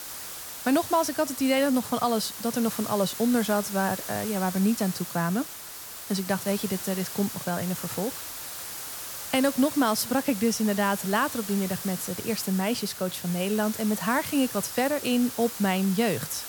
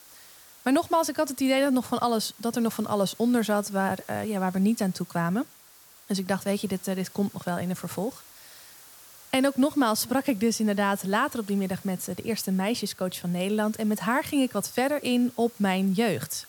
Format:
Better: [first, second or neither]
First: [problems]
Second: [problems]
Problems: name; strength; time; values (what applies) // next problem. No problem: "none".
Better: second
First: hiss; loud; throughout; 8 dB below the speech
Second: hiss; faint; throughout; 20 dB below the speech